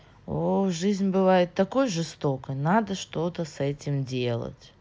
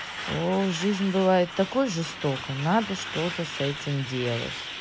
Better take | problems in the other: first | background sound (Truck); 9 dB below the speech

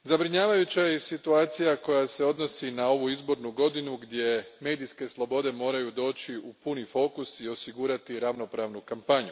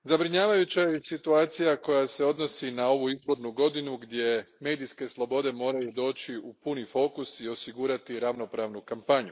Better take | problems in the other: first | noise reduction (neural mask model Resemble Enhance denoiser)

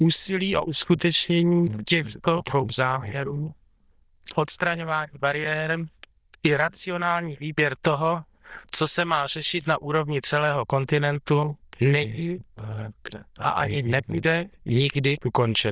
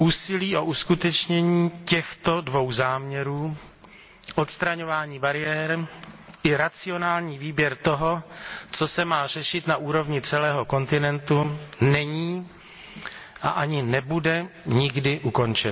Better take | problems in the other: second | noise reduction (neural diffusion model UNIVERSE++)

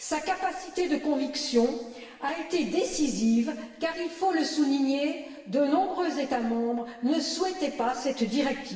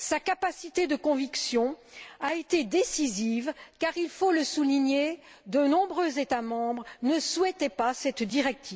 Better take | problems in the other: second | room echo; dies away in 1.2 s

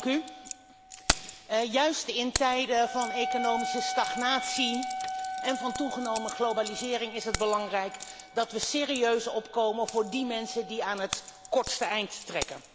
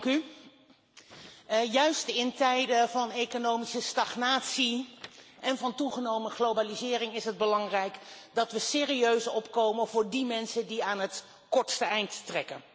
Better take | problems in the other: second | background sound (Wind instrument, woodwind instrument + Keys jangling); 6 dB below the speech

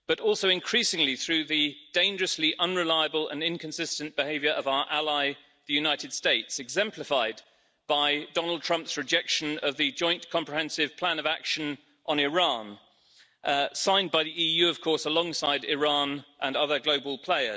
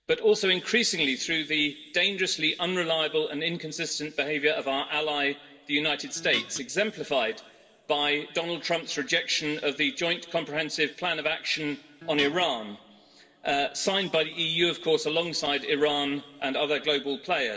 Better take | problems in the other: first | background sound (Guitar); 9 dB below the speech // room echo; dies away in 1.9 s

